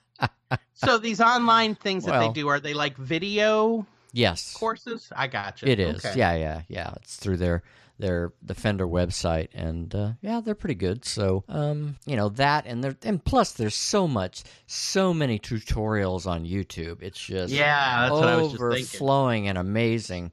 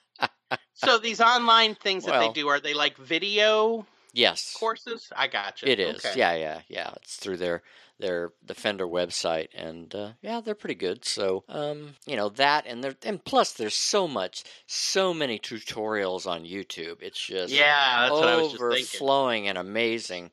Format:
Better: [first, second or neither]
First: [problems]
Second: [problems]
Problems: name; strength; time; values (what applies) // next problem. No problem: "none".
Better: first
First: none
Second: thin; somewhat; fading below 400 Hz